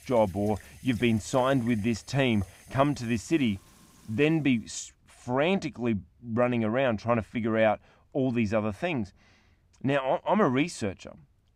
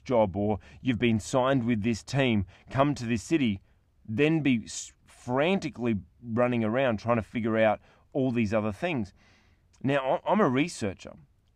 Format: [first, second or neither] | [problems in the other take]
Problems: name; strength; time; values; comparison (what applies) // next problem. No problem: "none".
second | household noises; faint; until 4.5 s; 25 dB below the speech